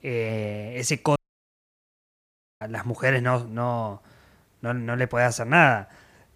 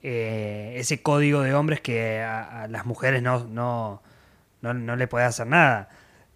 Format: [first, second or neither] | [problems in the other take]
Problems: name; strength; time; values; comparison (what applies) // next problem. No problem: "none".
second | audio cutting out; at 1 s for 1.5 s